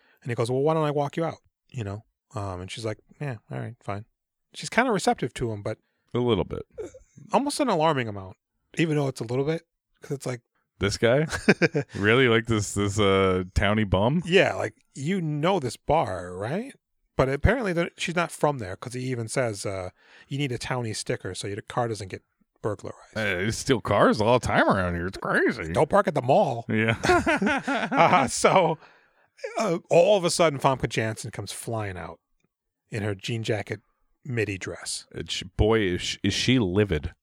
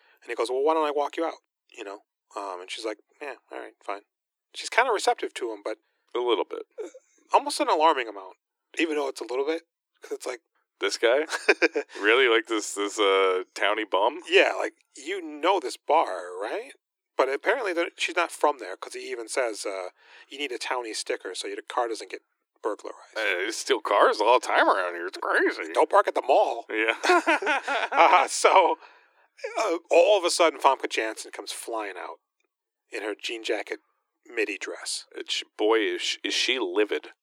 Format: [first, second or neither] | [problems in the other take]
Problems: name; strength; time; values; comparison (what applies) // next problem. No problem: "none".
first | thin; very; fading below 300 Hz